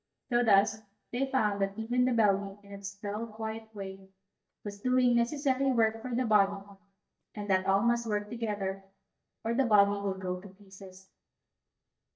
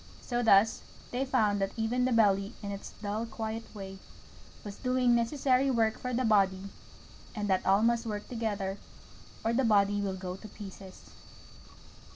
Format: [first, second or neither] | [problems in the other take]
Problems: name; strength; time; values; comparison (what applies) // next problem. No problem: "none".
second | noise reduction (neural mask model DeepFilterNet 3)